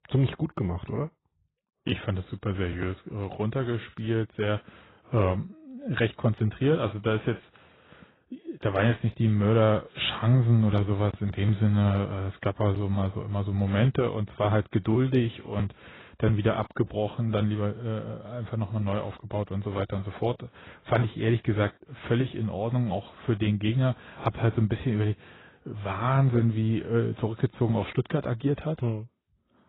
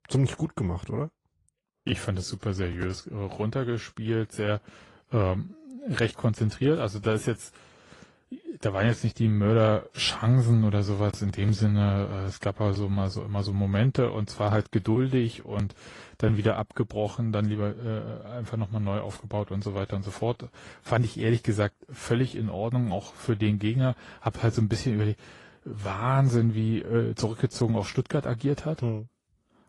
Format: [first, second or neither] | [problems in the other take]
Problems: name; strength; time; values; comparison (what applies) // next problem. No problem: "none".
second | garbled, watery; badly; nothing above 4 kHz; slightly in the second